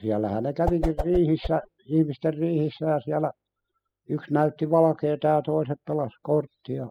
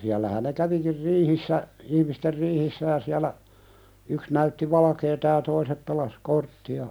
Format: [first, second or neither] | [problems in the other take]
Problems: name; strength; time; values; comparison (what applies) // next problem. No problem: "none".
second | noise reduction (classical method spectral subtraction)